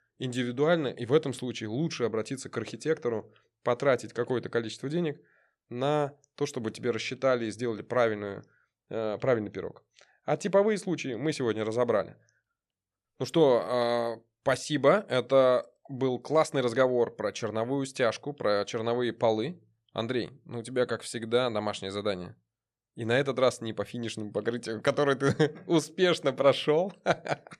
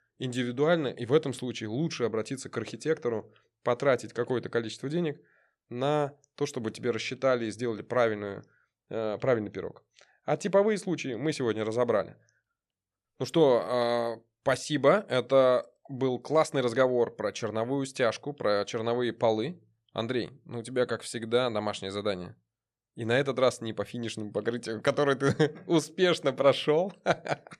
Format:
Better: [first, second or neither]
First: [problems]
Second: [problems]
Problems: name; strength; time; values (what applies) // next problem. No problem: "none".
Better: neither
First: none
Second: none